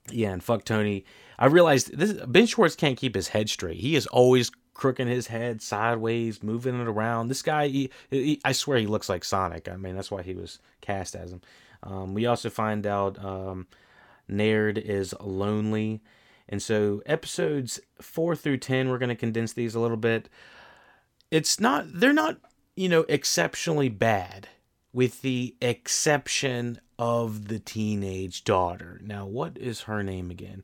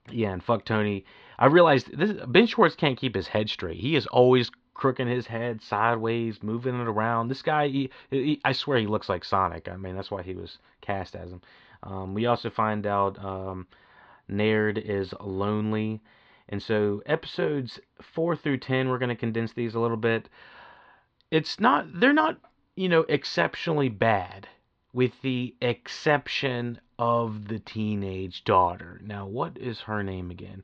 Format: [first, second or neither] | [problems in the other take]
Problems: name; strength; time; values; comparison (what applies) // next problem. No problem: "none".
first | muffled; slightly; fading above 4 kHz